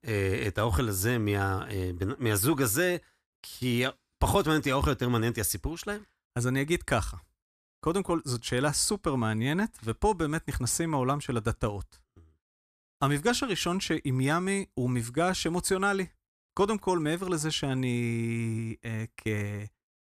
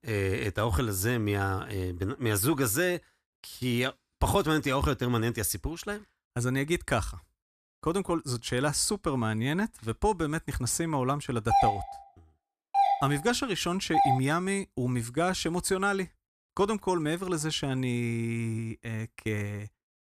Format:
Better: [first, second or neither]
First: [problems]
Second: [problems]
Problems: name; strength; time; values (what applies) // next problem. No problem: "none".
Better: first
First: none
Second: doorbell; loud; from 12 to 14 s; peak 4 dB above the speech